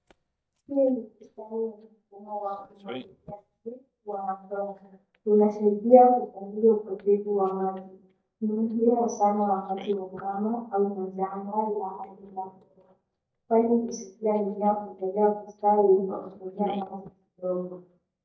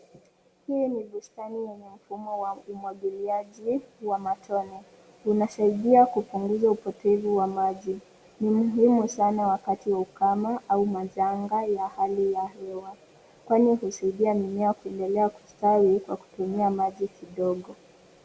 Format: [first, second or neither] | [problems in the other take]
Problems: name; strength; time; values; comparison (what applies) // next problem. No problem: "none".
second | noise reduction (neural mask model DeepFilterNet 3)